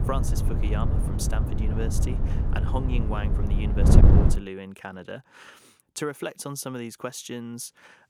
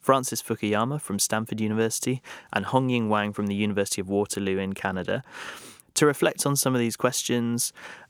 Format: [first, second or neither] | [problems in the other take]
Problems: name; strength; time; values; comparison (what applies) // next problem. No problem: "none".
second | wind noise on the microphone; heavy; until 4.5 s; as loud as the speech